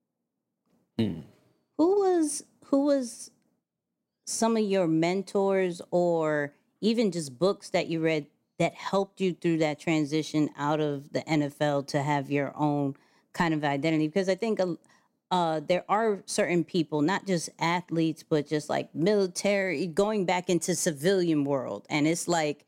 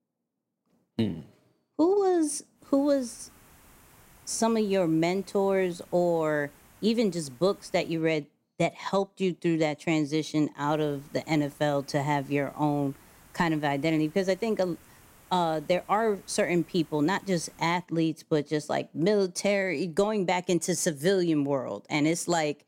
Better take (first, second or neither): first